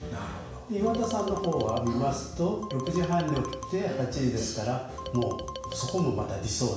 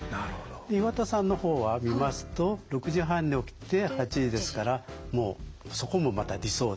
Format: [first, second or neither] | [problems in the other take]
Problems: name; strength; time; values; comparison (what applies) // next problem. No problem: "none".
second | background sound (Marimba, xylophone); 11 dB below the speech // room echo; dies away in 0.7 s